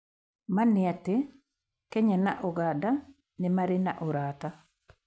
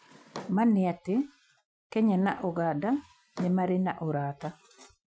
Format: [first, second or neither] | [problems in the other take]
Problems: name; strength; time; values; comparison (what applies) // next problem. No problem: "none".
first | noise reduction (classical method Wiener filter)